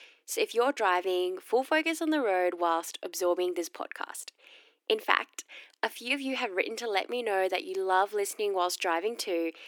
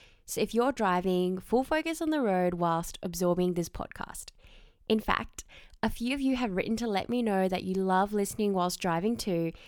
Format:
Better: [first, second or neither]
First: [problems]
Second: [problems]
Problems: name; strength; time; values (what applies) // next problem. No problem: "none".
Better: second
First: thin; somewhat; fading below 300 Hz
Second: none